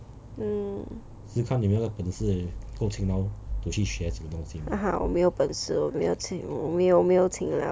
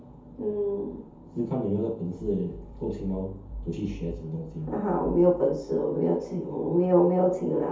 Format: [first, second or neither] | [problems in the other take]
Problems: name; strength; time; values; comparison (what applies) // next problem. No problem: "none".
first | room echo; dies away in 0.6 s